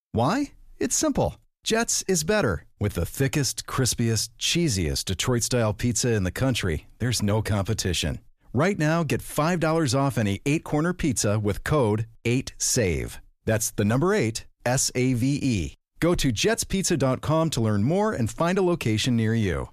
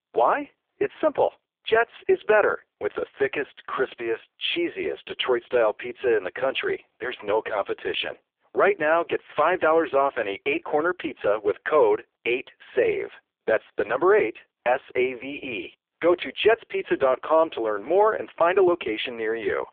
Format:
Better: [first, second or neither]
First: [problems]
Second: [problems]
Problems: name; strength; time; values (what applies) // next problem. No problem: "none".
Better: first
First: none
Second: phone-call audio; poor line; nothing above 3.5 kHz